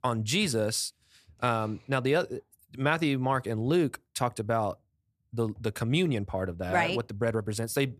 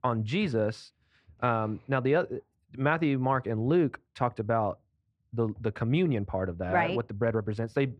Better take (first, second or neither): first